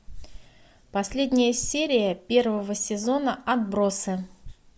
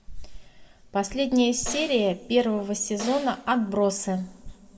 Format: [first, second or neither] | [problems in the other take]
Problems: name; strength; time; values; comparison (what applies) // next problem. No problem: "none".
first | background sound (Snare drum); 16 dB below the speech // room echo; dies away in 1.5 s